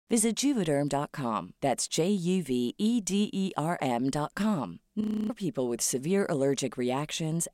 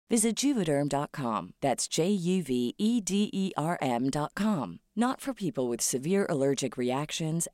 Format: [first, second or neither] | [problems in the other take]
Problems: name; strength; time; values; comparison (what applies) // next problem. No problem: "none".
second | audio freezing; at 5 s